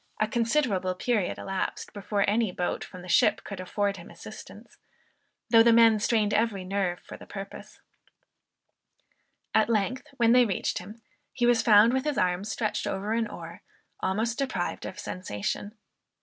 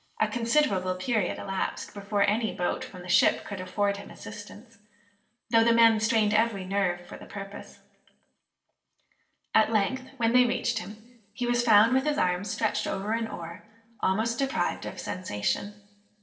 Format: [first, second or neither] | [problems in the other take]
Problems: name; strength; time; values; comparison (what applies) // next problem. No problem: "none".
first | room echo; dies away in 1.4 s